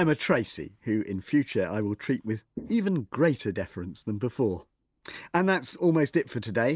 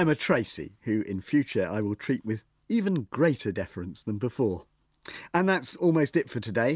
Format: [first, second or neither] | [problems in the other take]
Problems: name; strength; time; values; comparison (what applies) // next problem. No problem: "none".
second | noise reduction (neural mask model Resemble Enhance denoiser)